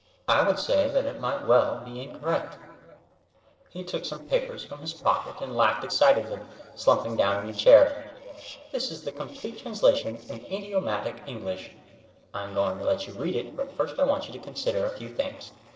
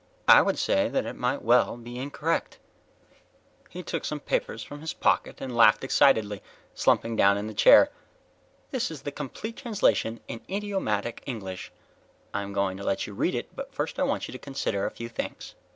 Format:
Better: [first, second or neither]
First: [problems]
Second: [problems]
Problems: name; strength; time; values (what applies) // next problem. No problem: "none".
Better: second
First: noise reduction (neural separator model SepFormer DNS4)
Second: none